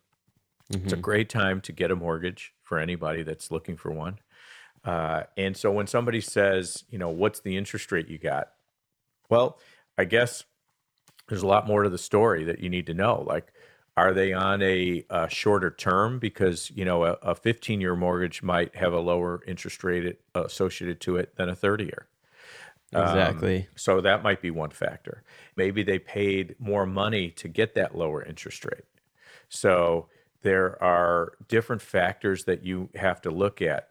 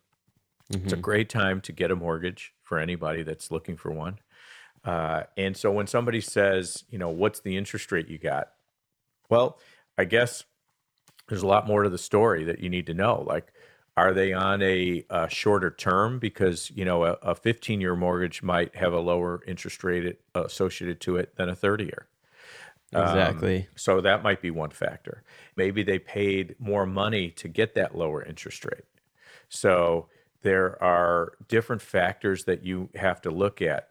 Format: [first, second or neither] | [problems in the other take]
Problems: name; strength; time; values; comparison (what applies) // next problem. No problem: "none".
neither | none